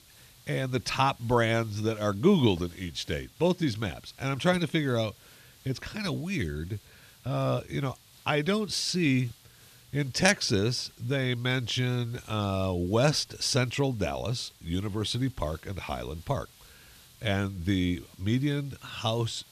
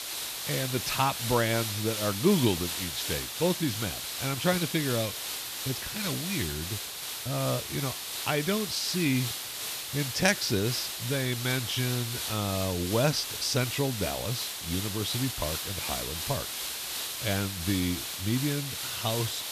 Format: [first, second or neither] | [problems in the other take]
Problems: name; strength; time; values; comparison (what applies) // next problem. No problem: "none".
first | hiss; loud; throughout; 2 dB below the speech; faint in the first